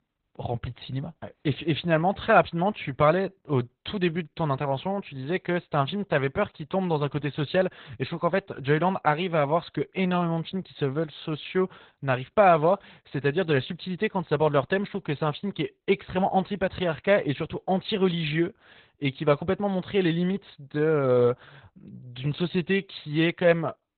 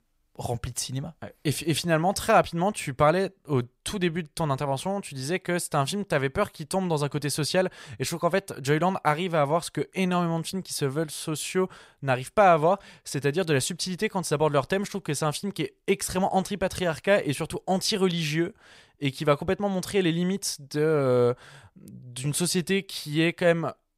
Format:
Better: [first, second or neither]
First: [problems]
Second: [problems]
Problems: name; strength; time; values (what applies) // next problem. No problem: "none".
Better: second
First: garbled, watery; badly; nothing above 4 kHz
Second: none